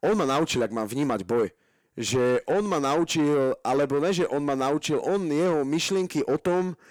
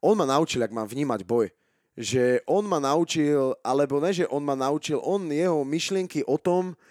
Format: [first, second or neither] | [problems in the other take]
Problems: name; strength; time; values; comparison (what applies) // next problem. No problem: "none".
second | distortion; slight; 10 dB below the speech